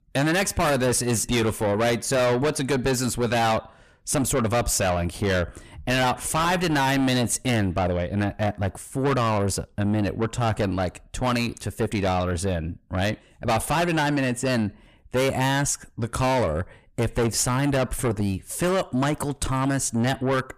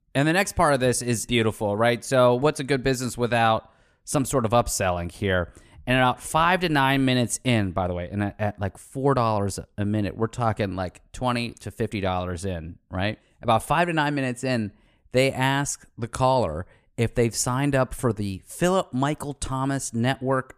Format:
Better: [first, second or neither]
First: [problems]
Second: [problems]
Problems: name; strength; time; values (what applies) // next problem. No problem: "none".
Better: second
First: distortion; heavy; 6 dB below the speech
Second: none